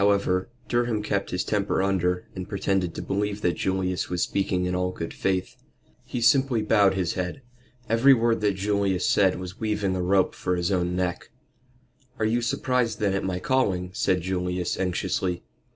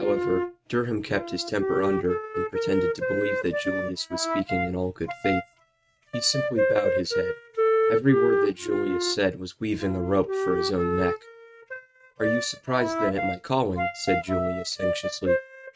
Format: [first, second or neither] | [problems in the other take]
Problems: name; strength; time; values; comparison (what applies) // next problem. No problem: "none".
first | noise reduction (neural mask model RNNoise)